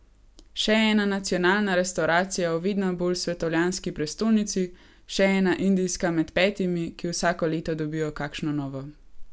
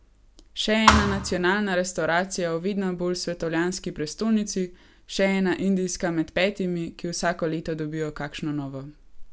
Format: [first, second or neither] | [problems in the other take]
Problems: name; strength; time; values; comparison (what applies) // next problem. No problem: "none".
first | background sound (Thump, thud); 2 dB above the speech